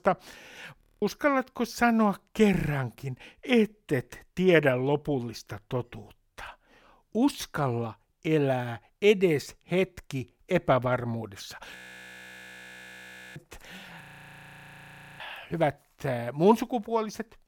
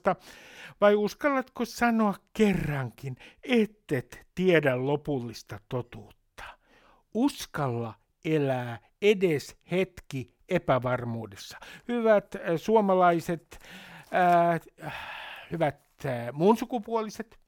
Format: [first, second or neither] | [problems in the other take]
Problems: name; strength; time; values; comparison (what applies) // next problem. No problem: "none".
second | audio freezing; at 1 s, at 12 s for 1.5 s and at 14 s for 1 s